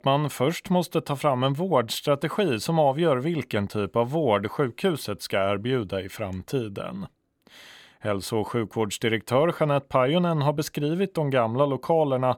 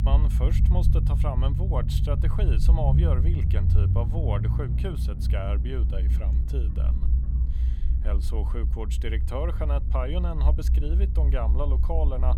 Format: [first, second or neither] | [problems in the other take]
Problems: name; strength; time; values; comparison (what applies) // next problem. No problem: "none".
first | low rumble; loud; throughout; 5 dB below the speech